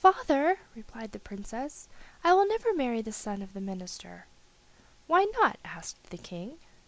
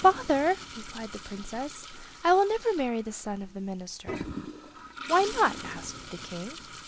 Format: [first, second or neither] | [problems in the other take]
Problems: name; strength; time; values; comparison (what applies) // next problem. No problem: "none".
first | background sound (Toilet flush); 13 dB below the speech